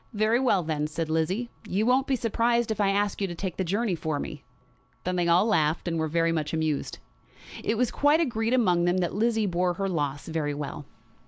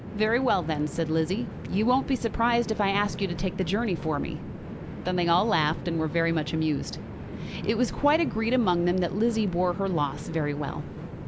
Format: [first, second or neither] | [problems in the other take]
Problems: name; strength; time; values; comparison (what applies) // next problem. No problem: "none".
first | background sound (Train); 9 dB below the speech